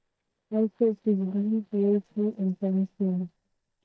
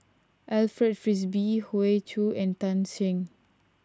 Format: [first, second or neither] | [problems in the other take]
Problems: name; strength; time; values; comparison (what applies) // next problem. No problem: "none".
second | noise reduction (neural mask model DeepFilterNet 3)